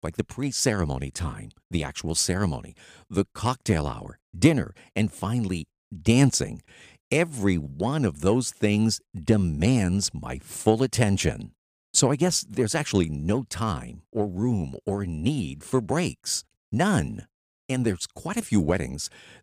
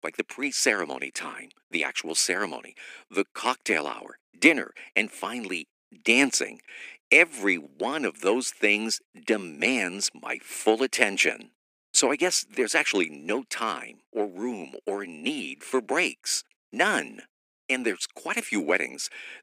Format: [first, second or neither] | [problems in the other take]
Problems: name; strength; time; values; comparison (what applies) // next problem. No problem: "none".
first | thin; somewhat; fading below 300 Hz